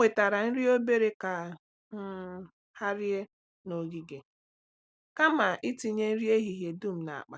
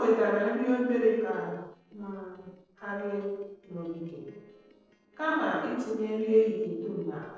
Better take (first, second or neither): first